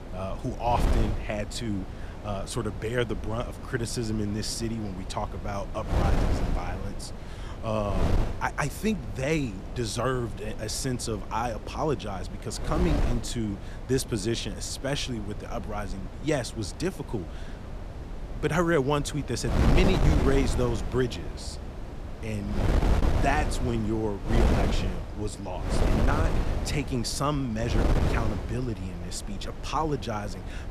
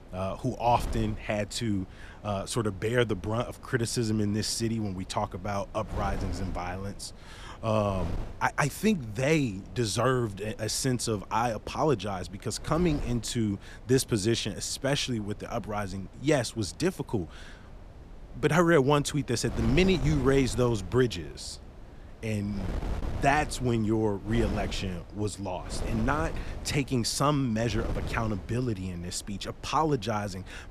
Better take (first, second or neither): second